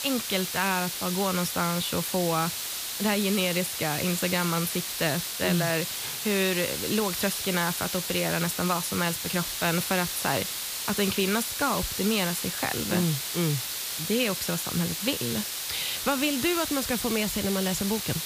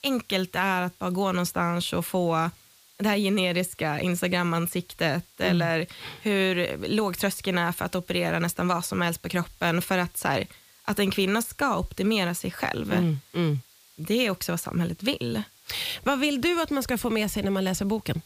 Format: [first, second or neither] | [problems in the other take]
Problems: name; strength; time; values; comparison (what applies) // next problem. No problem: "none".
second | hiss; loud; throughout; 2 dB below the speech; faint in the second